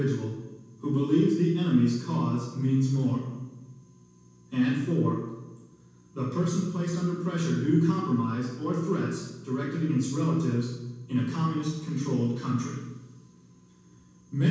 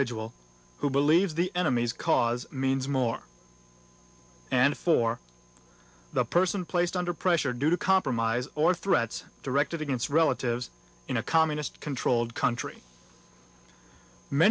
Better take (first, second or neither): second